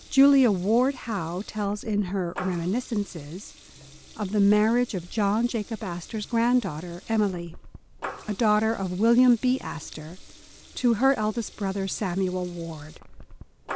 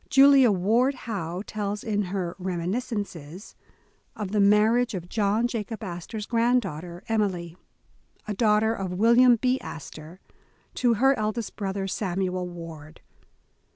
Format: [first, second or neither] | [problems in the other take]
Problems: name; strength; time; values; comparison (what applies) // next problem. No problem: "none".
second | background sound (Water tap, faucet / Liquid); 18 dB below the speech